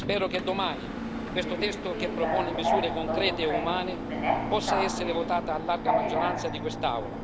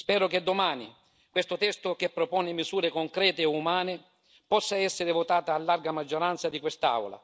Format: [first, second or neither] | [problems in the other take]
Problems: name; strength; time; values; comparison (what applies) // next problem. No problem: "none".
second | background sound (Subway, metro, underground); as loud as the speech